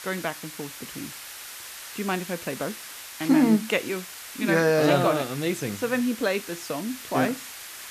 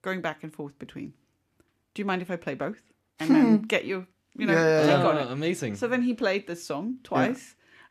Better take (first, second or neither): second